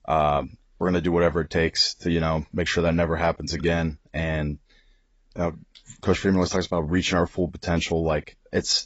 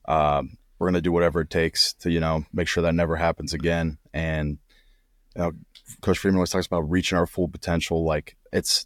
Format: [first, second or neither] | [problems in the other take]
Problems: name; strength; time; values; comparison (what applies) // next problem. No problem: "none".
second | garbled, watery; badly; nothing above 7.5 kHz